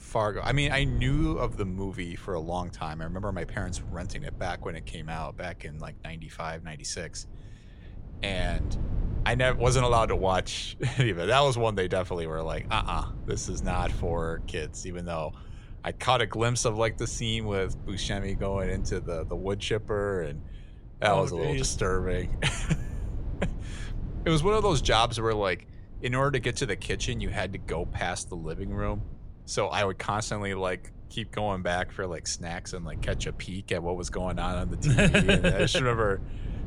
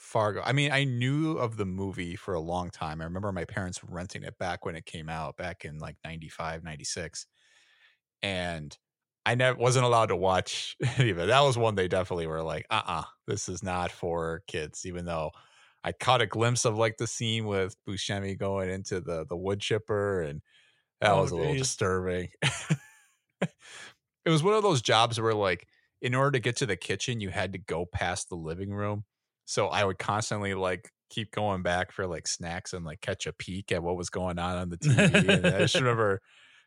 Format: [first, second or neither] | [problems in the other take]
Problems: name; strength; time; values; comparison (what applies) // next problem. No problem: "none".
second | low rumble; faint; throughout; 20 dB below the speech